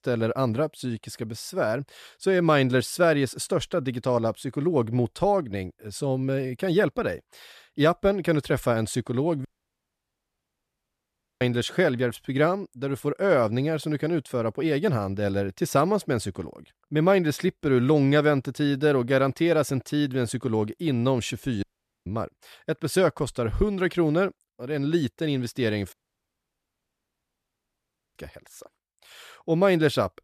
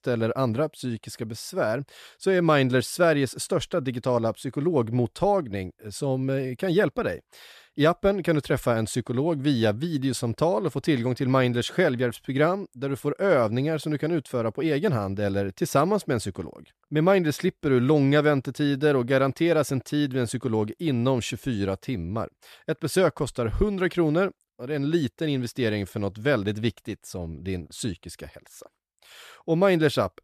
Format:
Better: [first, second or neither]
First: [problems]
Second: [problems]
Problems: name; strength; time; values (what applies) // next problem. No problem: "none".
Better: second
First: audio cutting out; at 9.5 s for 2 s, at 22 s and at 26 s for 2 s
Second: none